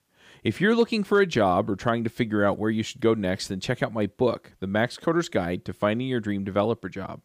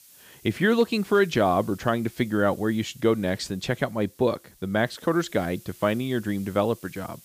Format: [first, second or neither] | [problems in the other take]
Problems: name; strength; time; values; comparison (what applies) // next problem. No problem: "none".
first | hiss; faint; throughout; 25 dB below the speech